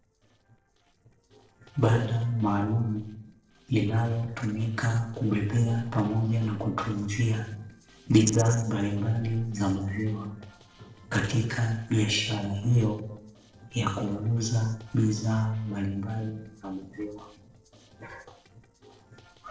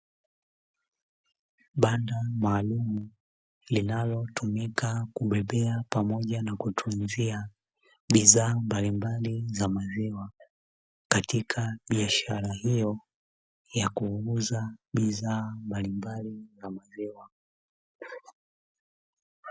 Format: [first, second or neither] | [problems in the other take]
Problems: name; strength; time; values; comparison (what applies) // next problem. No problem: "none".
second | noise reduction (neural separator model SepFormer DNS4)